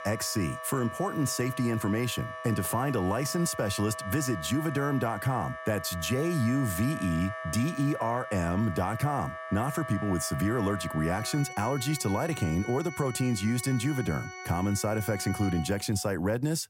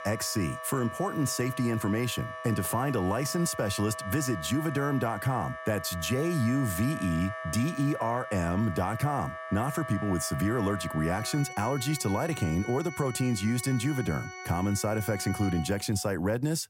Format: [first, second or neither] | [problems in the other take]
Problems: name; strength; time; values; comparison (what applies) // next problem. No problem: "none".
neither | background music; loud; throughout; 10 dB below the speech; the same in both